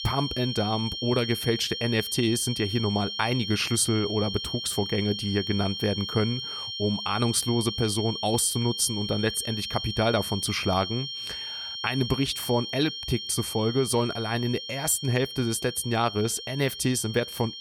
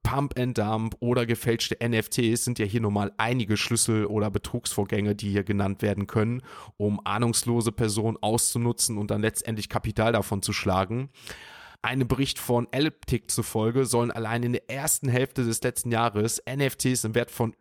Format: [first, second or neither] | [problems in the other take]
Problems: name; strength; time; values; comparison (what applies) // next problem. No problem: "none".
second | high-pitched whine; loud; throughout; 3 kHz, 6 dB below the speech